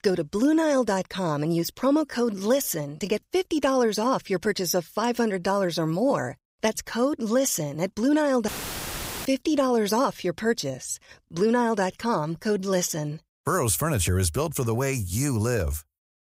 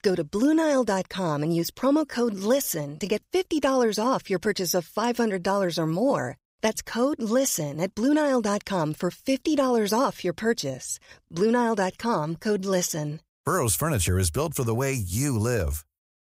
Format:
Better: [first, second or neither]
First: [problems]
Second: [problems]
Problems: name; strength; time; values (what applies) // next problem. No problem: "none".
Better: second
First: audio cutting out; filled with static; at 8.5 s for 1 s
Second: none